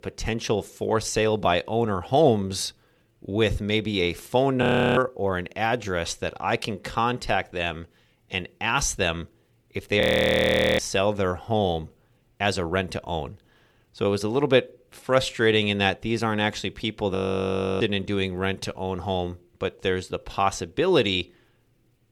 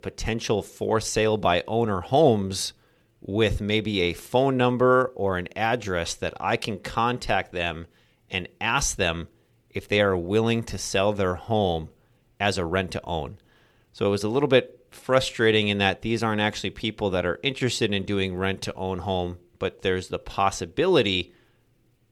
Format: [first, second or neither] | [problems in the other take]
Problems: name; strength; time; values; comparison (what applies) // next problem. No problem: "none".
second | audio freezing; at 4.5 s, at 10 s for 1 s and at 17 s for 0.5 s